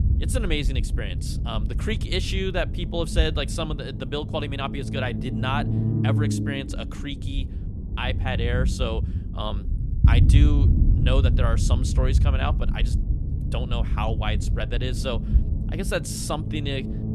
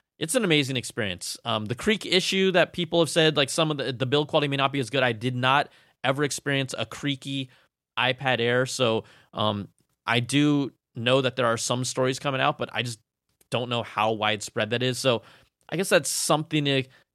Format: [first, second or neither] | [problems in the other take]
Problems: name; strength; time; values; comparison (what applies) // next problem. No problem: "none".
second | low rumble; loud; throughout; 8 dB below the speech